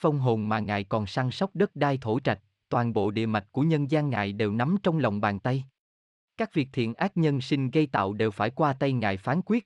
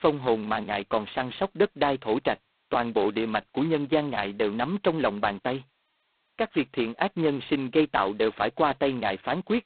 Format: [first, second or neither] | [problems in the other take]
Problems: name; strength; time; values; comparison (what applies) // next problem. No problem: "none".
first | phone-call audio; poor line; nothing above 4 kHz